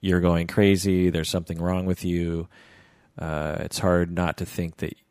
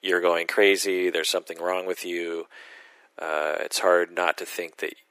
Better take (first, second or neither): first